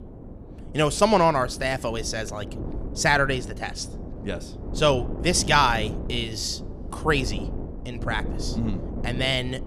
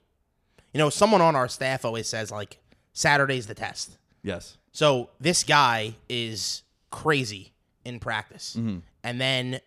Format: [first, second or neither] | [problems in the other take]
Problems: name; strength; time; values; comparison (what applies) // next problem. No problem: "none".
second | wind noise on the microphone; occasional gusts; 20 dB below the speech